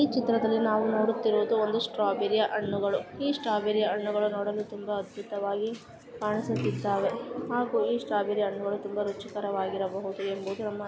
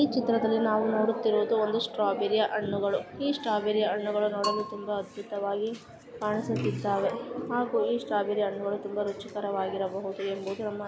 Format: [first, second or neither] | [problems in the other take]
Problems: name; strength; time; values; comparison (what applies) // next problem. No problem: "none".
first | background sound (Bell / Percussion); 13 dB below the speech